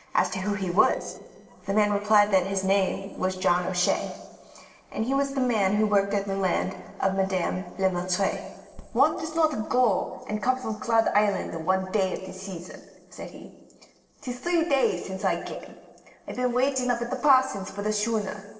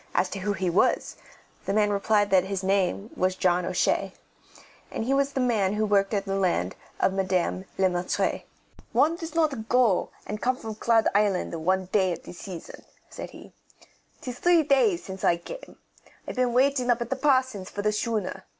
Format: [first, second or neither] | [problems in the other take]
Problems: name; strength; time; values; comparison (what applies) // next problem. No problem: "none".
second | noise reduction (neural separator model SepFormer DNS4)